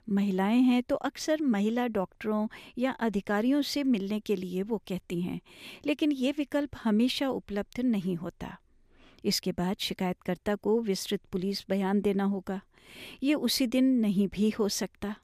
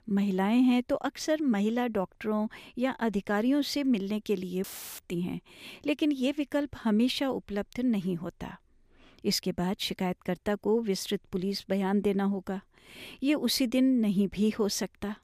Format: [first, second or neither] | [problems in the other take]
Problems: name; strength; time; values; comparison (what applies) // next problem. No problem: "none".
first | audio cutting out; filled with static; at 4.5 s